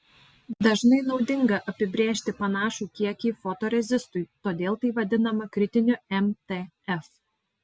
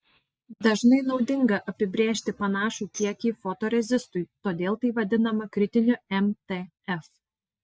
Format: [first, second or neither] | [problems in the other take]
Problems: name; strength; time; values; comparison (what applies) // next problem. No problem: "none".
first | noise reduction (neural mask model DeepFilterNet 3)